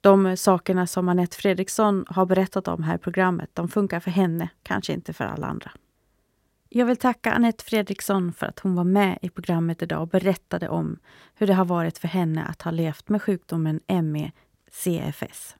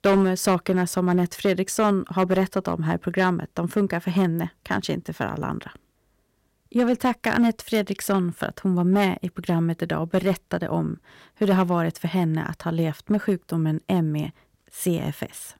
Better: first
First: none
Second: distortion; slight; 3% of the sound clipped

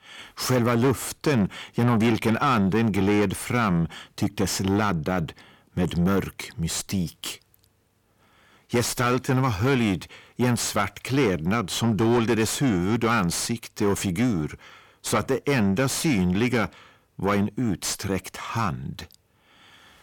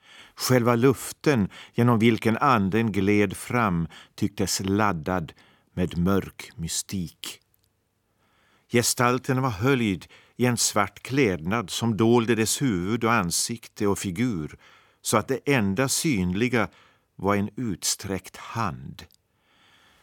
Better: second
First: distortion; heavy; 7 dB below the speech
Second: none

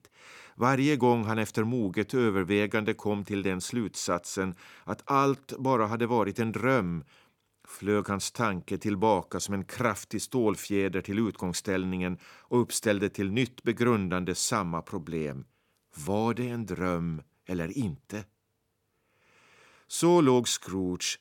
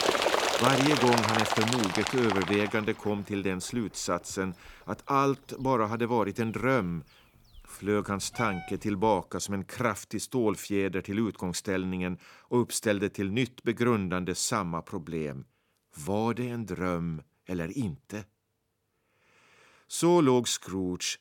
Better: first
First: none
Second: animal sounds; very loud; until 9 s; 1 dB above the speech

